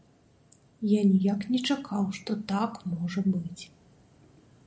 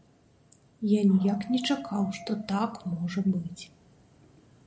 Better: first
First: none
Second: background sound (Dog); 18 dB below the speech

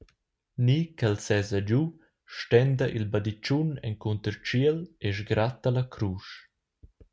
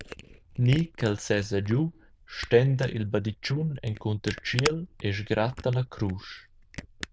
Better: first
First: none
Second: noise reduction (neural diffusion model UNIVERSE++)

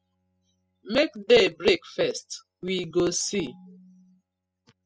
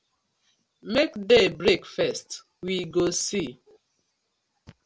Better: second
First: noise reduction (classical method spectral subtraction)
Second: none

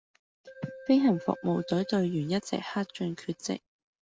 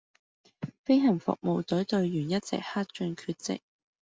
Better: second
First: background sound (Keyboard (musical)); 19 dB below the speech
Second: none

